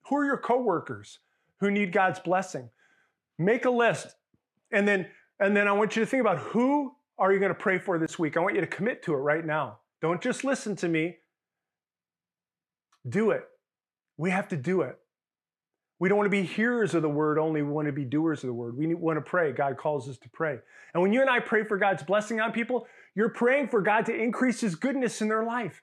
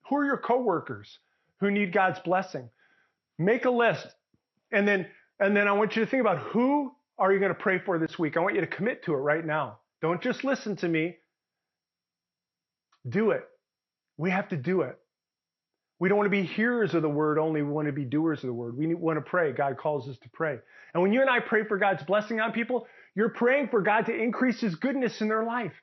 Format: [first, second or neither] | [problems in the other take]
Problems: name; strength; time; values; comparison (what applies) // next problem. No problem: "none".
first | garbled, watery; slightly; nothing above 6 kHz